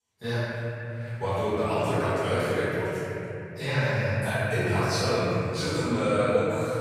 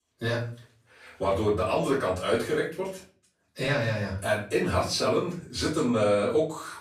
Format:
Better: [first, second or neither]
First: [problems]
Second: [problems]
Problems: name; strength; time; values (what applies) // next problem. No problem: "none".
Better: second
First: room echo; strong; dies away in 3 s // off-mic speech; far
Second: room echo; slight; dies away in 0.4 s // off-mic speech; far